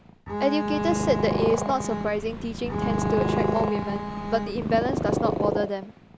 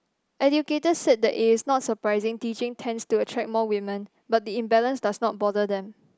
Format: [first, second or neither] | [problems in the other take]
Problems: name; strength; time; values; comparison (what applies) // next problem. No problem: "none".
second | background sound (Purr + Bowed string instrument); as loud as the speech